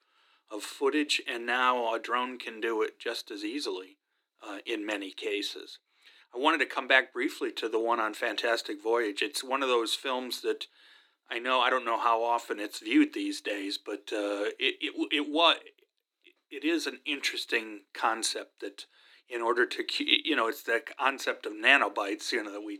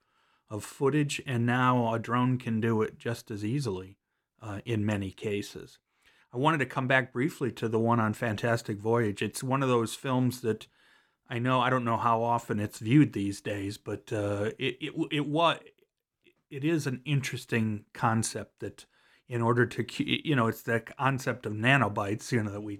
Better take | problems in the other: second | thin; somewhat; fading below 300 Hz

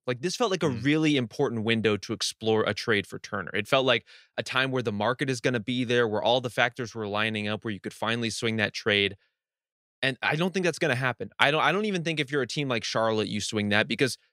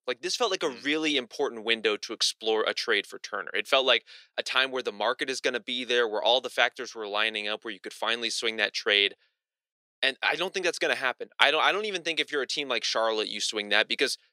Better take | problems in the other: first | thin; somewhat; fading below 350 Hz

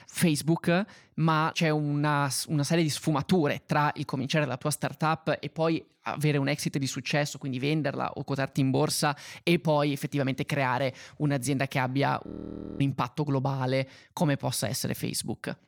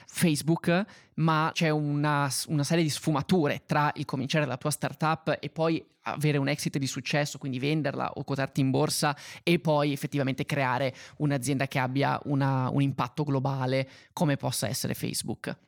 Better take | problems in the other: second | audio freezing; at 12 s for 0.5 s

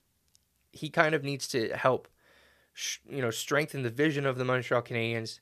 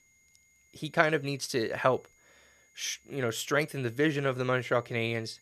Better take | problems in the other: first | high-pitched whine; faint; throughout; 2 kHz, 35 dB below the speech

